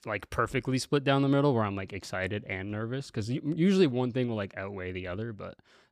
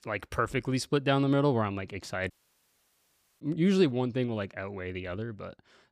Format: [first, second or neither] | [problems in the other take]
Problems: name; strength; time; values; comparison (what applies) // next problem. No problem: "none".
first | audio cutting out; at 2.5 s for 1 s